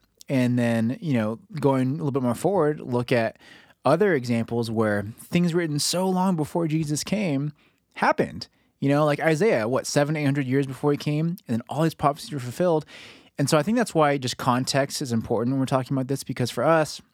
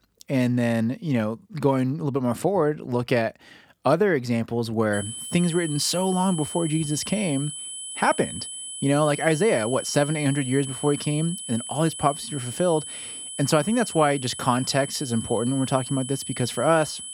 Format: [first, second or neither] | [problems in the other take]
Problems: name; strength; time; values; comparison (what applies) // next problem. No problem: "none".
first | high-pitched whine; loud; from 5 s on; 10.5 kHz, 9 dB below the speech